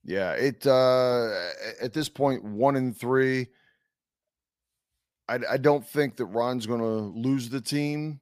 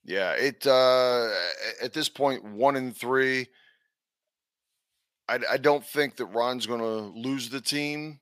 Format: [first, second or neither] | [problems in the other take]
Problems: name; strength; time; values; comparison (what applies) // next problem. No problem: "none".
first | thin; very slightly; fading below 1 kHz